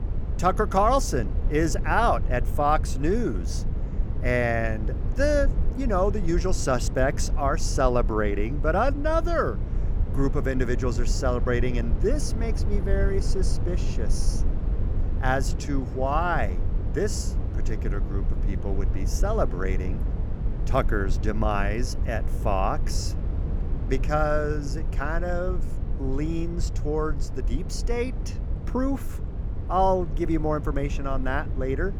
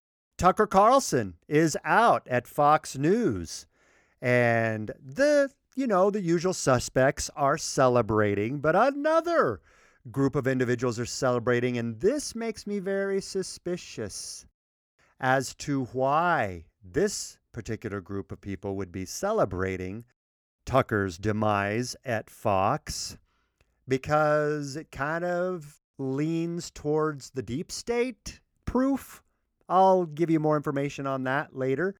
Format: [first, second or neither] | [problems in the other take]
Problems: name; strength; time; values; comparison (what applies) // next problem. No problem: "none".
second | low rumble; noticeable; throughout; 15 dB below the speech